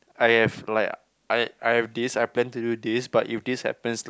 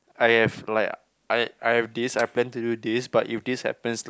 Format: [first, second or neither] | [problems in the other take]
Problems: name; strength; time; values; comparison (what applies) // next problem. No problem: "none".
first | noise reduction (neural mask model Resemble Enhance denoiser)